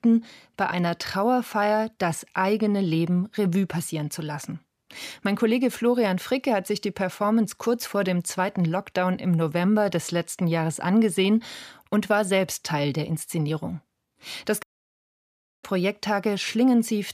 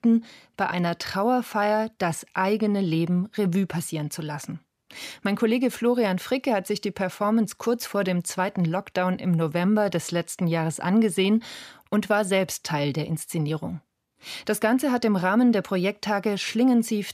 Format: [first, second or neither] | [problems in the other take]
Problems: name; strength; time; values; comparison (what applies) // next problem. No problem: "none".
second | audio cutting out; at 15 s for 1 s